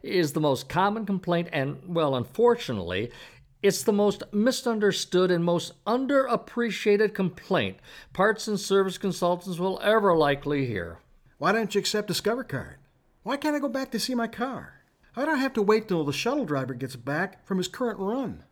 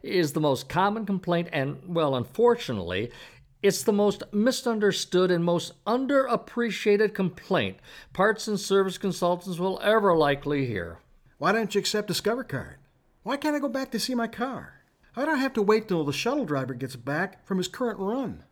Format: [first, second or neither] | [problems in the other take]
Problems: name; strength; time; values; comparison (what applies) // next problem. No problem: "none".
neither | none